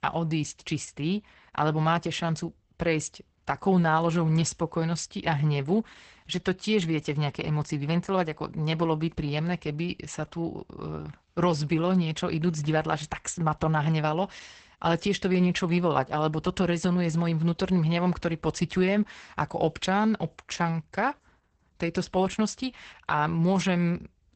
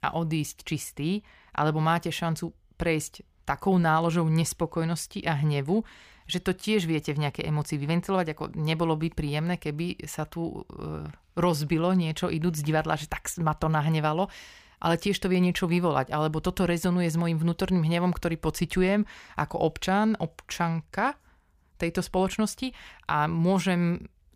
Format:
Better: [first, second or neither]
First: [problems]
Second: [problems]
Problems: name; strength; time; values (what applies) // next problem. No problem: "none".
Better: second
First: garbled, watery; badly; nothing above 8 kHz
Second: none